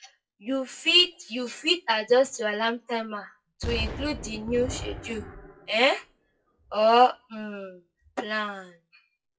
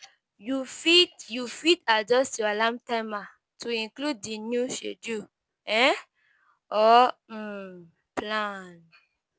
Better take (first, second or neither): second